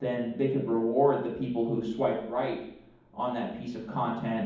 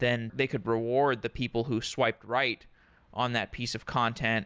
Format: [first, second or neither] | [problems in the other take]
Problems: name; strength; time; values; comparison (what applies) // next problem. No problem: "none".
second | room echo; dies away in 1.2 s